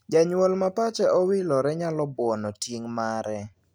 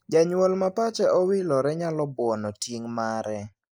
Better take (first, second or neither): first